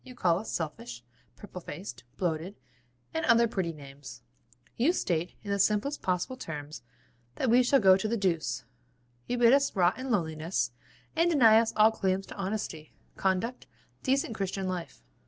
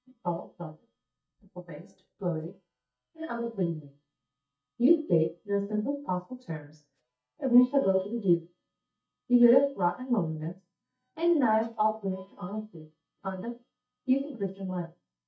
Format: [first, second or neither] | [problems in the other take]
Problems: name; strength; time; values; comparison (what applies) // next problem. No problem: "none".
first | noise reduction (neural mask model DeepFilterNet 3)